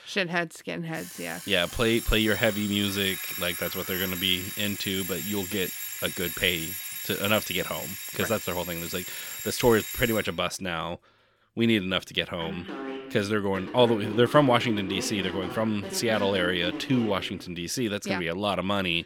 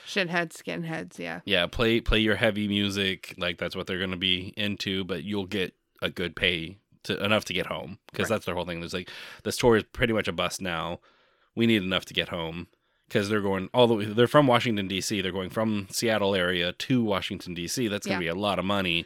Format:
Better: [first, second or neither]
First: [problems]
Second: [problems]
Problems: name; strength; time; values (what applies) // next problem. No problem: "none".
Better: second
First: alarms or sirens; loud; throughout; 7 dB below the speech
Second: none